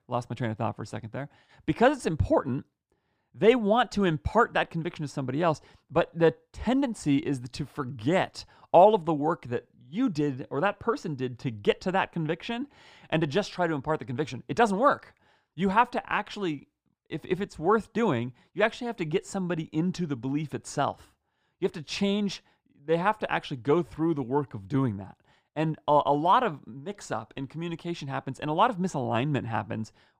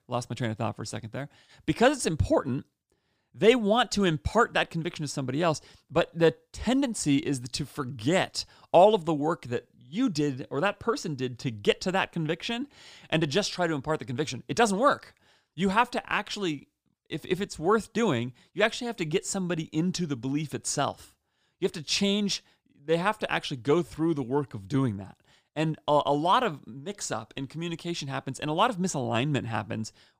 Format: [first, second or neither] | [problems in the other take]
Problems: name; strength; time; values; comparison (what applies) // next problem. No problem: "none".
second | muffled; slightly; fading above 3 kHz